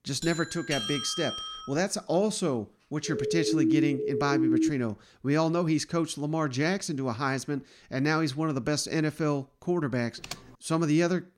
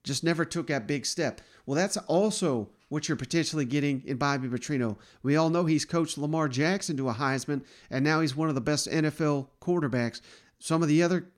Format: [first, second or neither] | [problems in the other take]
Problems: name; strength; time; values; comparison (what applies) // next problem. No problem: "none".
second | doorbell; noticeable; until 1.5 s; peak 2 dB below the speech // siren; loud; from 3 to 4.5 s; peak 4 dB above the speech // keyboard typing; faint; at 10 s; peak 10 dB below the speech